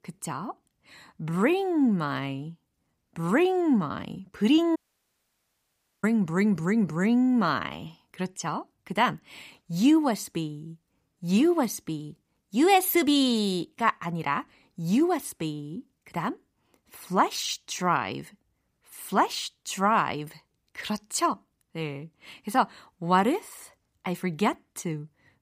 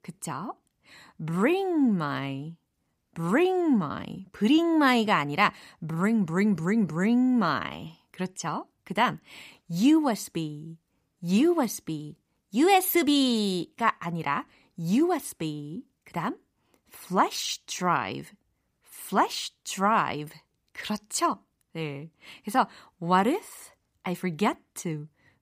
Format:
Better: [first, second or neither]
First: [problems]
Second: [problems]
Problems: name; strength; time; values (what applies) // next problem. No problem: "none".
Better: second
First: audio cutting out; at 5 s for 1.5 s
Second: none